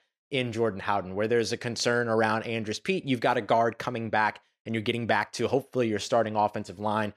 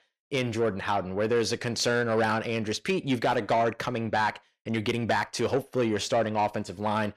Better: first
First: none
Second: distortion; slight; 10 dB below the speech

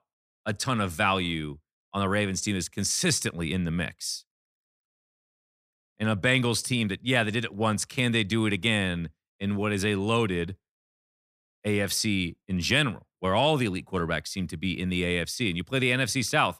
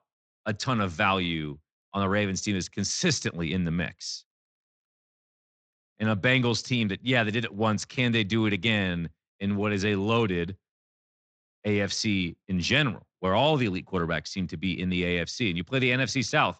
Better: first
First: none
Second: garbled, watery; slightly; nothing above 7.5 kHz

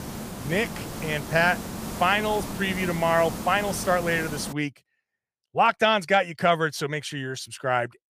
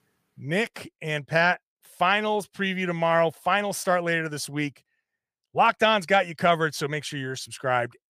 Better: second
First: hiss; loud; until 4.5 s; 9 dB below the speech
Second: none

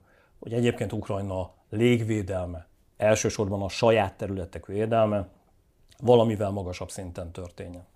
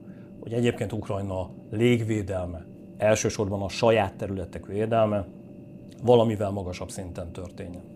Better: first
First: none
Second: low rumble; faint; throughout; 25 dB below the speech

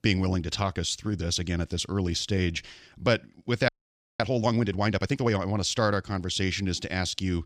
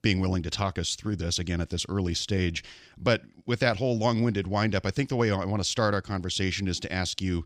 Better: second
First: audio freezing; at 3.5 s for 0.5 s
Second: none

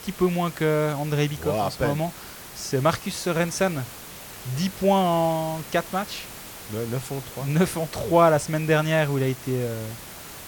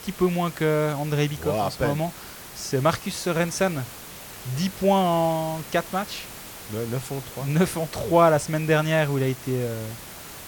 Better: neither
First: hiss; noticeable; throughout; 15 dB below the speech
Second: hiss; noticeable; throughout; 15 dB below the speech

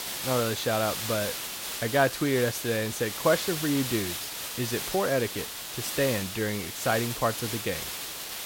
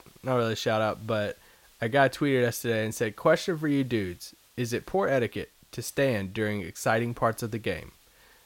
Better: second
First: hiss; loud; throughout; 4 dB below the speech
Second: hiss; faint; throughout; 30 dB below the speech

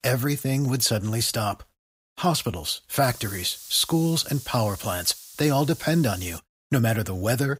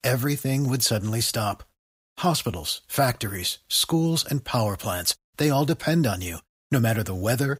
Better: second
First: hiss; noticeable; from 3 to 6.5 s; 15 dB below the speech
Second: none

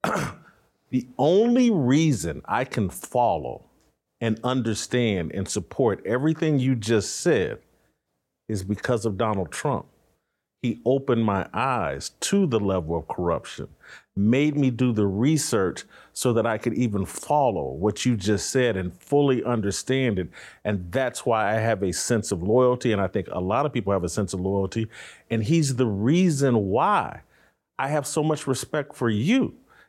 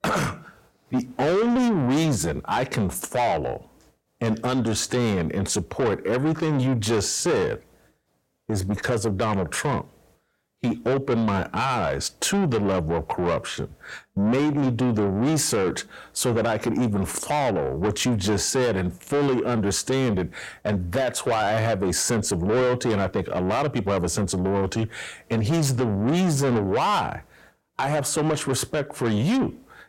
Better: first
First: none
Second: distortion; heavy; 7 dB below the speech

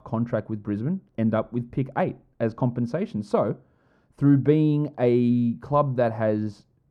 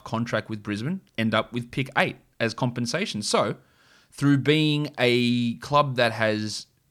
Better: second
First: muffled; very; fading above 1.5 kHz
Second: none

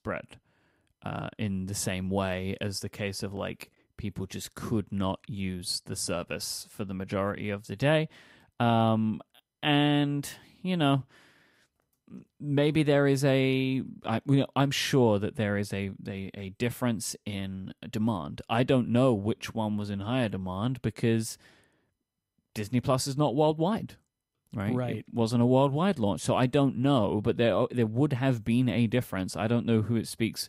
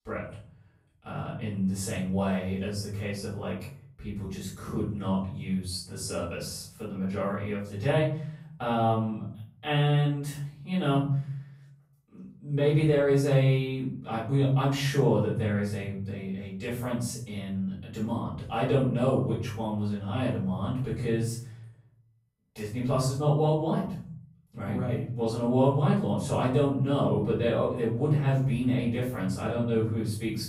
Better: first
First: none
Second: off-mic speech; far // room echo; noticeable; dies away in 0.8 s

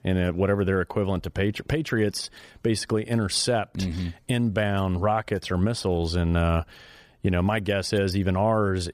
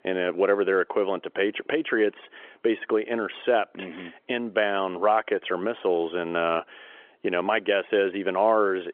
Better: first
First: none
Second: phone-call audio; nothing above 3.5 kHz

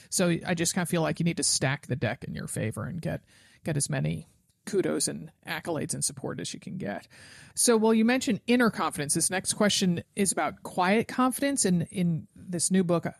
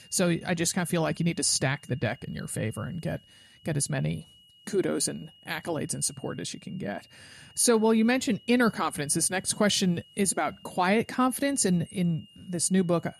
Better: first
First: none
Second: high-pitched whine; faint; throughout; 3 kHz, 25 dB below the speech

